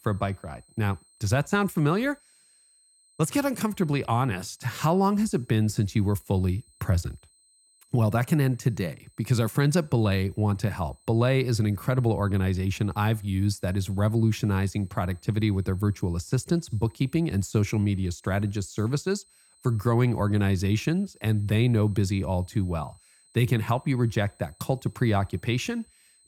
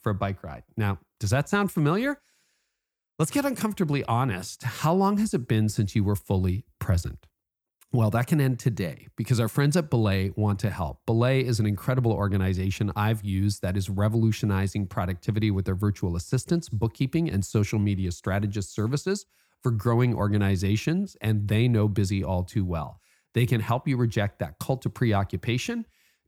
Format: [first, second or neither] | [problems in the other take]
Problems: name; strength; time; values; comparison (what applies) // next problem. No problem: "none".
second | high-pitched whine; faint; throughout; 8 kHz, 30 dB below the speech